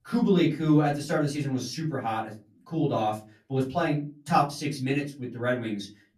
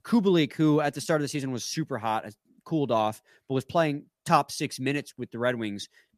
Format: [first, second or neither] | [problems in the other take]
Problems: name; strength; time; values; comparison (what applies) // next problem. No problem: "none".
second | off-mic speech; far // room echo; very slight; dies away in 0.3 s